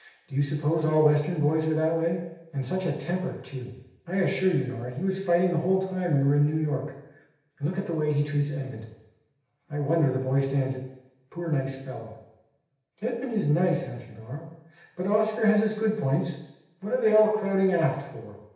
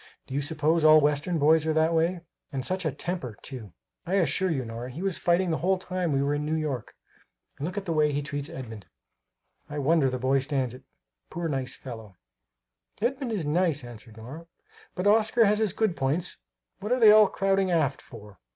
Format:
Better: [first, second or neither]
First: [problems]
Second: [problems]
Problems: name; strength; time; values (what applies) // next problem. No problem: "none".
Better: second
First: room echo; dies away in 0.9 s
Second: none